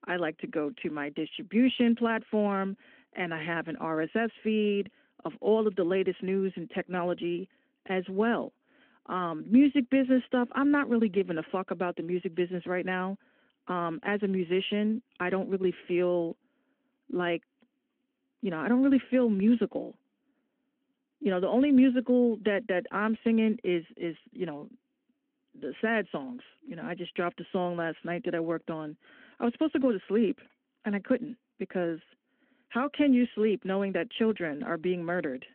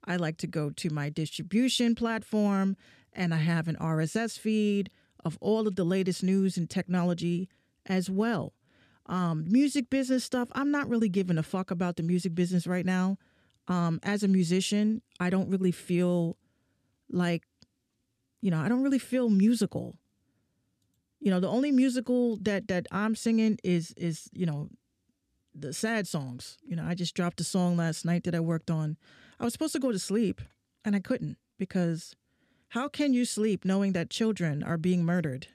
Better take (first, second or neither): second